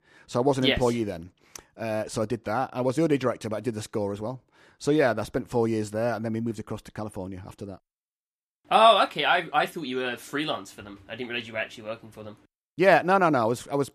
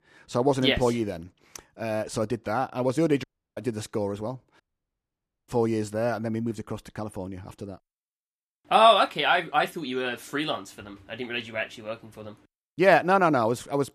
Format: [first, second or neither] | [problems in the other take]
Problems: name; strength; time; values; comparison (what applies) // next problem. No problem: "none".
first | audio cutting out; at 3 s and at 4.5 s for 1 s